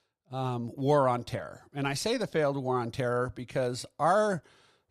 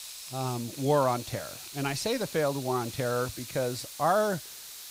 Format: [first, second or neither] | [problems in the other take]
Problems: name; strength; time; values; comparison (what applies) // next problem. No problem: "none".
first | hiss; noticeable; throughout; 10 dB below the speech